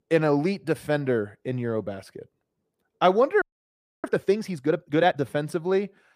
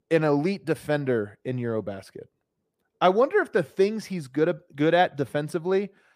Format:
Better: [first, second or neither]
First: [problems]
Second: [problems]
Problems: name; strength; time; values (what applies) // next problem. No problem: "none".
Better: second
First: audio freezing; at 3.5 s for 0.5 s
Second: none